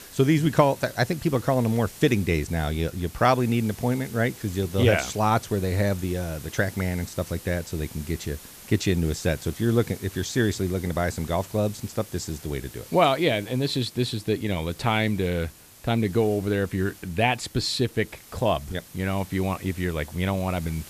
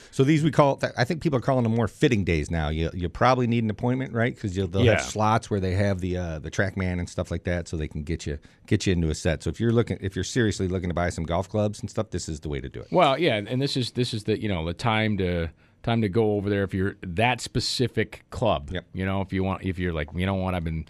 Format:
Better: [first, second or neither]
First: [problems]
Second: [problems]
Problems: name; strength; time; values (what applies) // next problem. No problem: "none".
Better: second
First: hiss; noticeable; throughout; 20 dB below the speech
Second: none